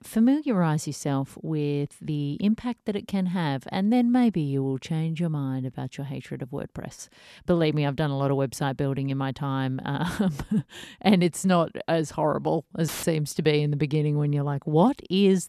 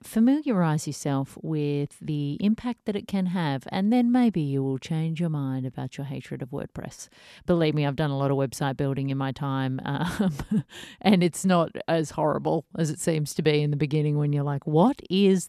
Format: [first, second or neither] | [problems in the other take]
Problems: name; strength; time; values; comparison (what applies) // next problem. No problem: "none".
second | audio cutting out; filled with static; at 13 s